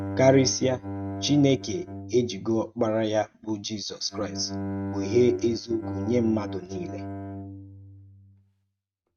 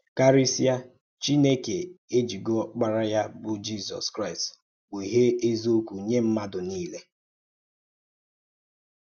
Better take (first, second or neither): second